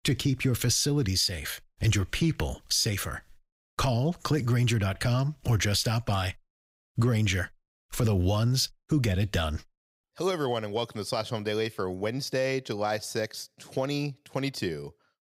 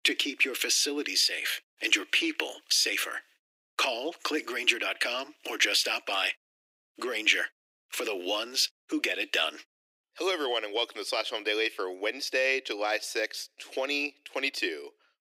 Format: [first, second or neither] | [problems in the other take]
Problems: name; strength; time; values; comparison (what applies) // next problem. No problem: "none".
first | thin; very; fading below 300 Hz